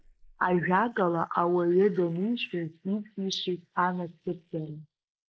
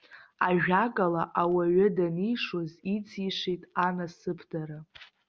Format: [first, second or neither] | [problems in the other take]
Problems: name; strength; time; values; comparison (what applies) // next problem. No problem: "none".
second | noise reduction (neural mask model Resemble Enhance denoiser)